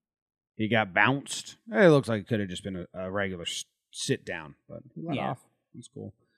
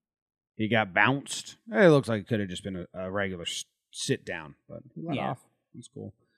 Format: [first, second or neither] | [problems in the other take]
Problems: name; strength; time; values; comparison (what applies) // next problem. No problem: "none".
neither | none